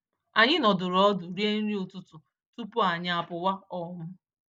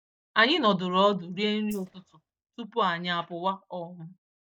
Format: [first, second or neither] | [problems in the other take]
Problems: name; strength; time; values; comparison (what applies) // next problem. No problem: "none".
first | noise reduction (neural mask model DeepFilterNet 3)